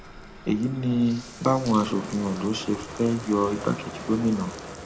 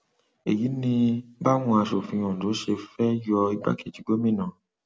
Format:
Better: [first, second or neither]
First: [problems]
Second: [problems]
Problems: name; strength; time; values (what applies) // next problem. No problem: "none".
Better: second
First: background sound (Bathtub (filling or washing)); 13 dB below the speech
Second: none